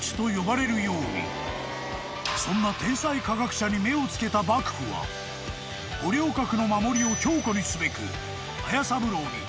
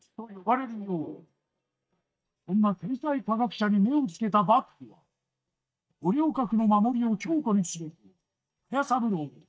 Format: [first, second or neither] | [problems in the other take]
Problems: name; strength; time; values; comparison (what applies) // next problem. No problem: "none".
first | noise reduction (neural mask model DeepFilterNet 3)